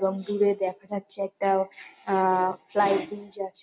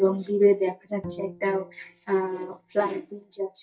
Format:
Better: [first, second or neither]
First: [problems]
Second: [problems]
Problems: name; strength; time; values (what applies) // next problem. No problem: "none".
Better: first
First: none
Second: noise reduction (neural mask model DeepFilterNet 3)